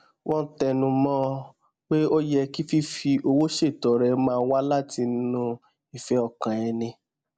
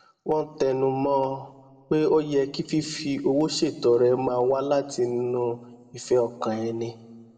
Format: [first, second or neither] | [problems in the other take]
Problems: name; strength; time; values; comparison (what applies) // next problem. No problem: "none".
first | room echo; dies away in 1.1 s